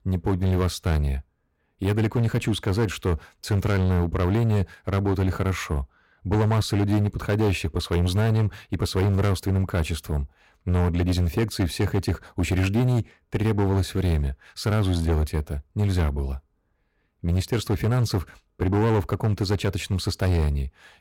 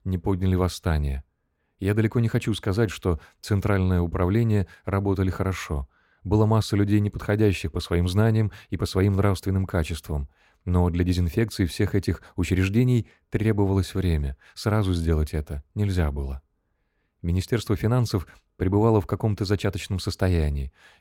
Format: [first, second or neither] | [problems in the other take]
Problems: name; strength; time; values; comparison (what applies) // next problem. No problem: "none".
second | distortion; slight; 13% of the sound clipped